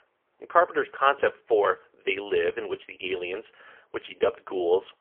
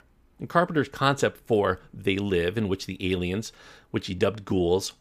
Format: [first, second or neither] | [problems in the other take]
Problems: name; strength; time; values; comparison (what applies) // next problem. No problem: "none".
second | phone-call audio; poor line; nothing above 3 kHz